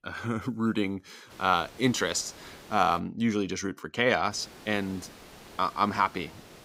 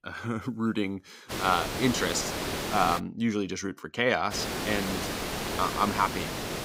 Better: first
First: hiss; faint; from 1.5 to 3 s and from 4.5 s on; 20 dB below the speech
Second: hiss; loud; from 1.5 to 3 s and from 4.5 s on; 3 dB below the speech

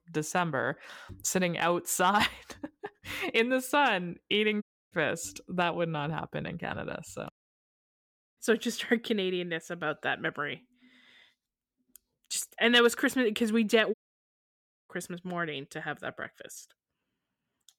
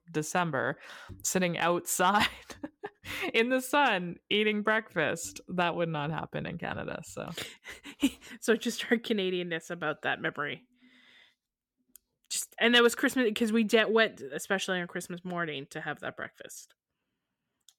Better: second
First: audio cutting out; at 4.5 s, at 7.5 s for 1 s and at 14 s for 1 s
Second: none

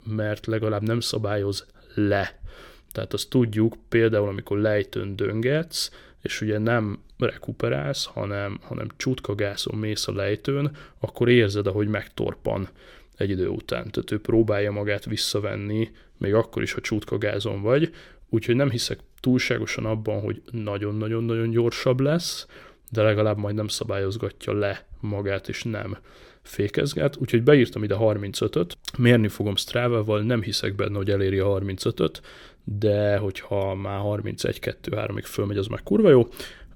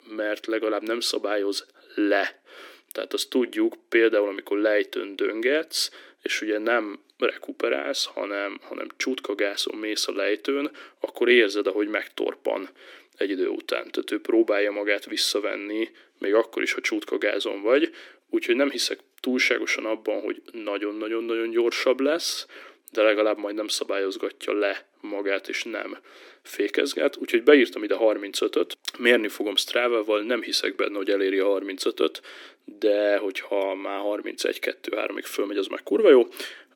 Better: first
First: none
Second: thin; somewhat; fading below 250 Hz

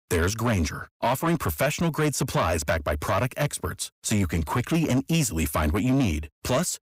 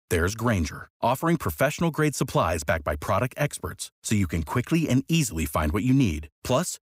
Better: second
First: distortion; slight; 10 dB below the speech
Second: none

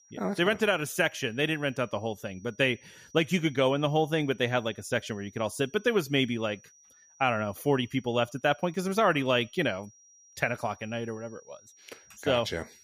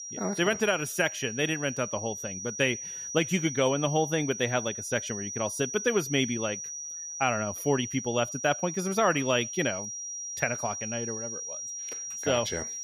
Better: first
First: high-pitched whine; faint; throughout; 6 kHz, 30 dB below the speech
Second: high-pitched whine; loud; throughout; 6 kHz, 6 dB below the speech

